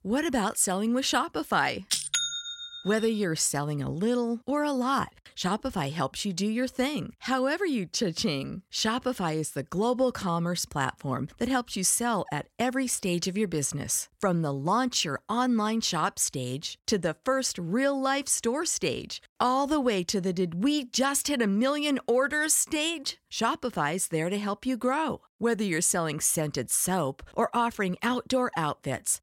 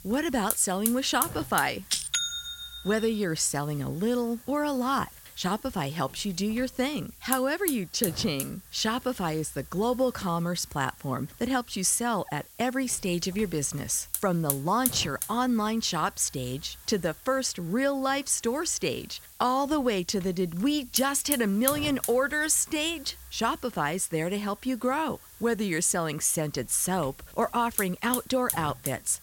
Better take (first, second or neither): first